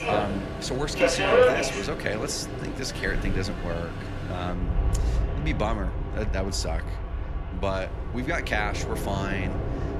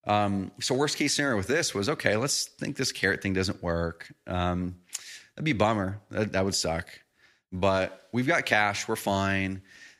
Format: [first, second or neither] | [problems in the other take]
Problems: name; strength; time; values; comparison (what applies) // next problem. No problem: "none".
second | train or aircraft noise; very loud; throughout; 2 dB above the speech